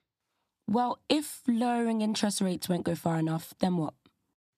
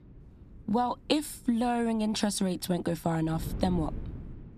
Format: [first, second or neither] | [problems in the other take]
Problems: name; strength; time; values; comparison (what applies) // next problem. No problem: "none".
first | wind noise on the microphone; occasional gusts; 20 dB below the speech